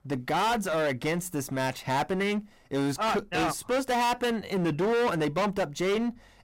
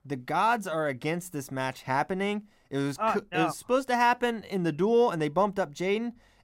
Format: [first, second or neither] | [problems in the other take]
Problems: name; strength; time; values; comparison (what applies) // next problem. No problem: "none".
second | distortion; heavy; 22% of the sound clipped